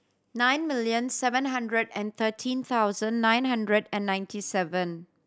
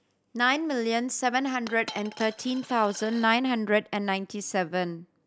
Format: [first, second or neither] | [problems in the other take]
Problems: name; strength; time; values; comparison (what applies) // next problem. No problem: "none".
first | background sound (Coin (dropping)); 20 dB below the speech